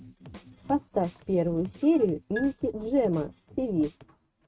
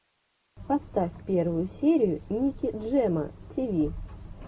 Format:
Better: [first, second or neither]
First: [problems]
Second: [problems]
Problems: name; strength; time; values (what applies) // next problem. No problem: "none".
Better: second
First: noise reduction (neural mask model RNNoise)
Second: none